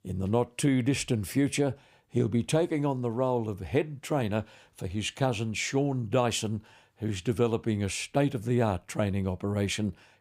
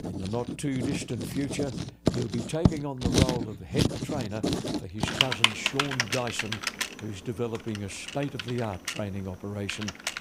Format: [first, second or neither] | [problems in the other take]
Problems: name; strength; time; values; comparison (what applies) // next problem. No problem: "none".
first | household noises; very loud; throughout; 4 dB above the speech